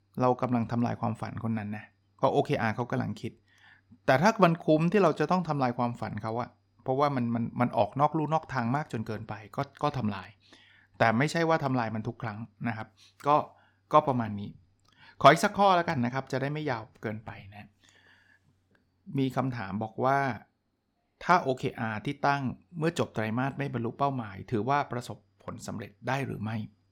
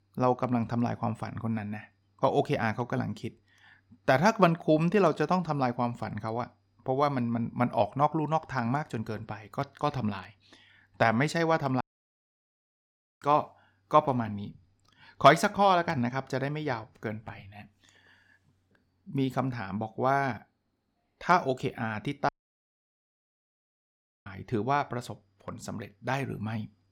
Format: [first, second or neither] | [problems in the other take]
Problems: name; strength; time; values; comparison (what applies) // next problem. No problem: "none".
first | audio cutting out; at 12 s for 1.5 s and at 22 s for 2 s